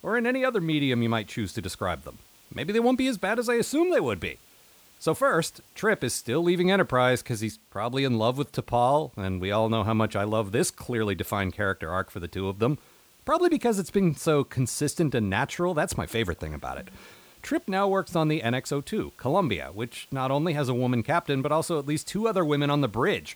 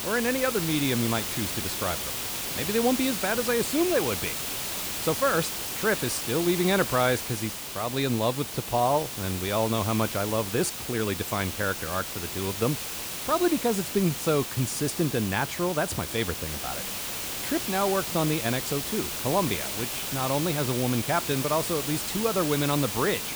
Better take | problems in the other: first | hiss; loud; throughout; 3 dB below the speech; faint in the first

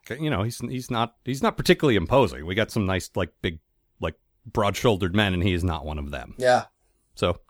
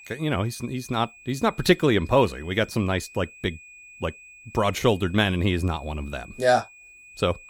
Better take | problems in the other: first | high-pitched whine; faint; throughout; 2.5 kHz, 20 dB below the speech

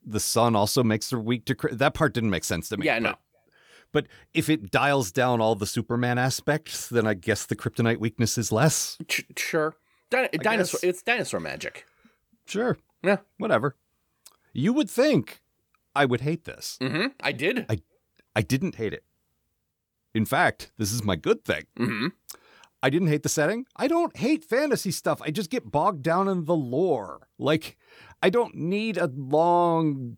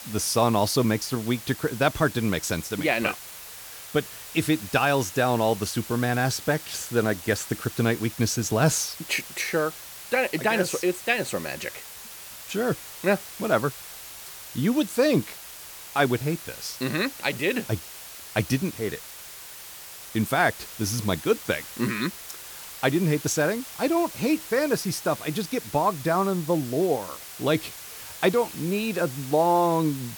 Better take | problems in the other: first | hiss; noticeable; throughout; 15 dB below the speech

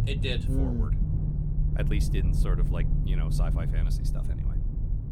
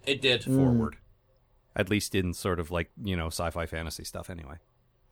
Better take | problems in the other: second | low rumble; loud; throughout; 4 dB below the speech

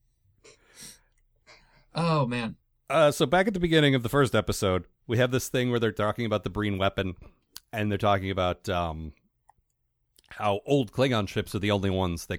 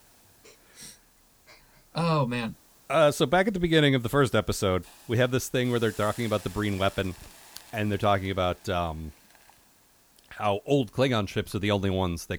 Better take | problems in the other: first | hiss; faint; throughout; 25 dB below the speech

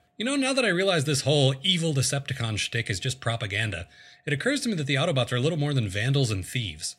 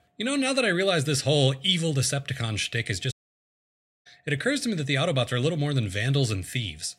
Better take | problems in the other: first | audio cutting out; at 3 s for 1 s

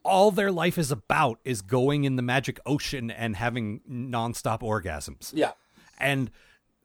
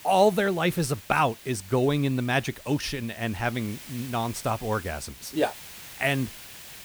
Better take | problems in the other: first | hiss; noticeable; throughout; 15 dB below the speech

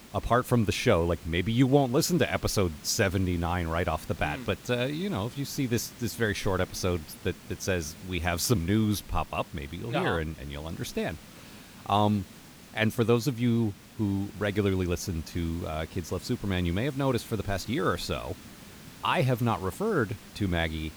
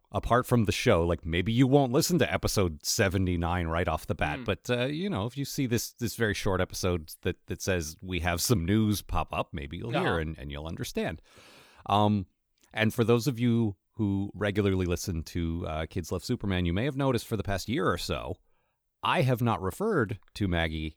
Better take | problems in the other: second | hiss; noticeable; throughout; 20 dB below the speech

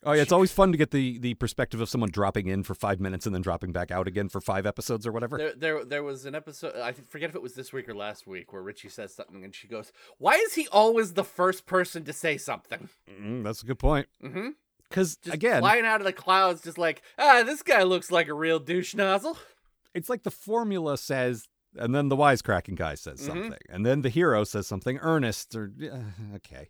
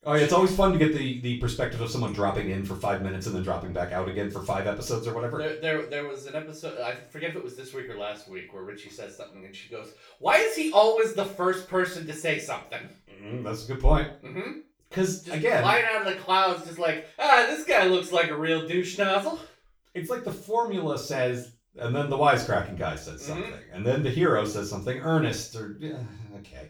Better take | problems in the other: first | room echo; slight; dies away in 0.3 s // off-mic speech; far

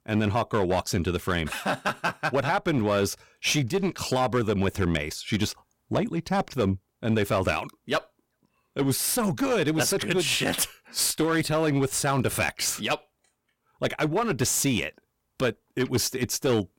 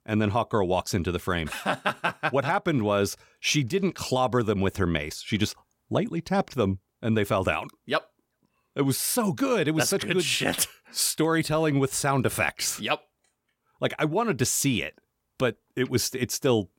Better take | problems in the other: second | distortion; slight; 8% of the sound clipped

